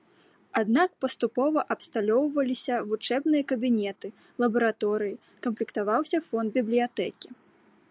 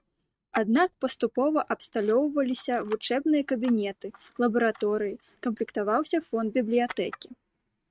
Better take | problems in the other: first | noise reduction (neural mask model RNNoise)

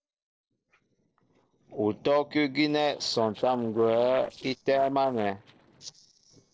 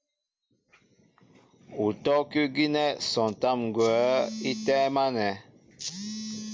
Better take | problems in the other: second | noise reduction (neural separator model SepFormer DNS4)

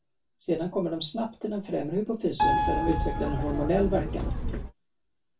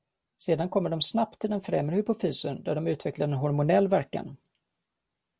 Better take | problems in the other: second | background sound (Keyboard (musical)); 2 dB above the speech // room echo; dies away in 0.2 s

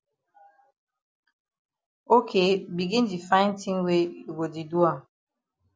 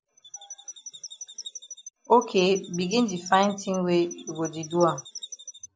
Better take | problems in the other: first | background sound (Chirp, tweet); 16 dB below the speech

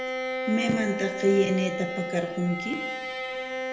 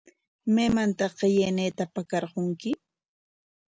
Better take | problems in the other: second | background sound (Bowed string instrument); 4 dB below the speech // room echo; dies away in 0.9 s

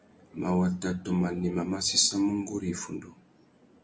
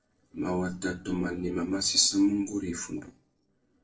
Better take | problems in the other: first | noise reduction (neural separator model SepFormer DNS4)

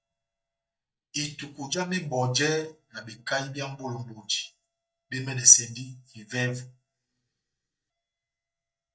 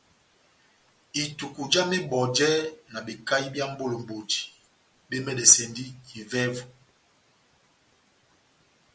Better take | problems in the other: second | noise reduction (neural mask model DeepFilterNet 3)

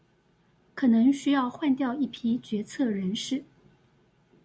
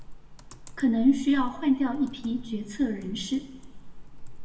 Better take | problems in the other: first | background sound (Computer keyboard); 11 dB below the speech // room echo; dies away in 0.8 s

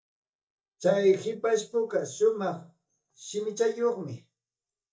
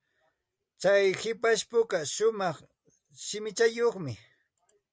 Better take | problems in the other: second | noise reduction (neural mask model DeepFilterNet 3)

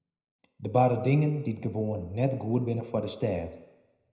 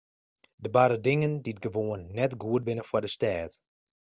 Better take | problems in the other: second | room echo; dies away in 0.7 s

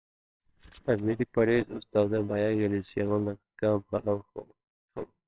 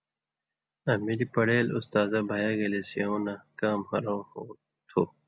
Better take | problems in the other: second | noise reduction (neural separator model SepFormer WHAMR!)

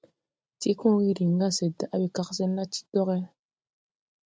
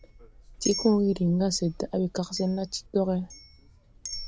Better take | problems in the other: first | background sound (Chink, clink); 13 dB below the speech

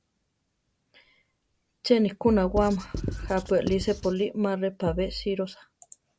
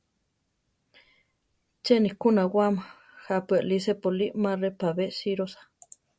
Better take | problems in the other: second | background sound (Writing + Bass drum); 7 dB below the speech

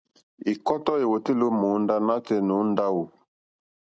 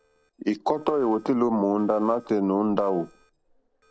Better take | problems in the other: first | noise reduction (neural separator model SepFormer DNS4)

